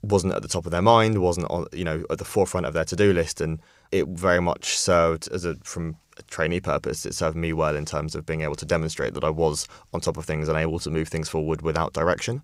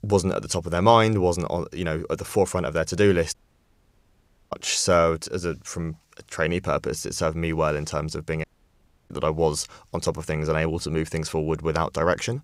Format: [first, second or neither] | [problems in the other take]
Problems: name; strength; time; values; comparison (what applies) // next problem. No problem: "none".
first | audio cutting out; at 3.5 s for 1 s and at 8.5 s for 0.5 s